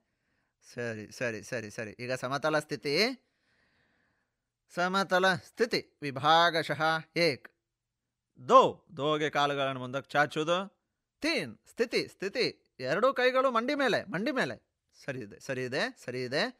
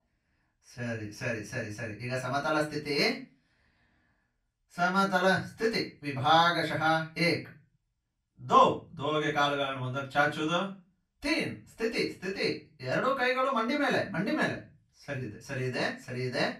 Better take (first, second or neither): first